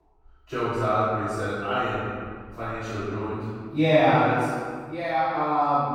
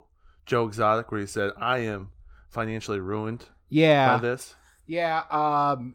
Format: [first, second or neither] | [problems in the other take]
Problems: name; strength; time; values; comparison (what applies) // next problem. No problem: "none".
second | off-mic speech; far // room echo; strong; dies away in 1.6 s